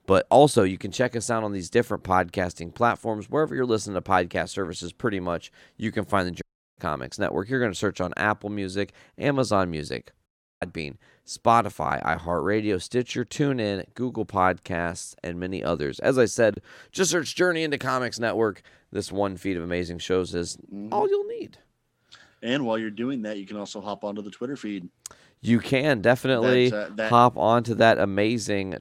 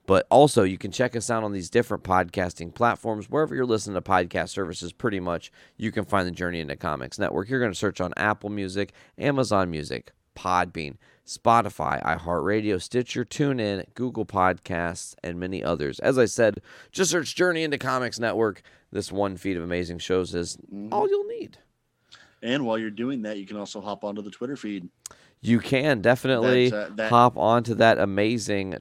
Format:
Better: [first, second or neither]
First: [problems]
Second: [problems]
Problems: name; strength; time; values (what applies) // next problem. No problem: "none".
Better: second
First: audio cutting out; at 6.5 s and at 10 s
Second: none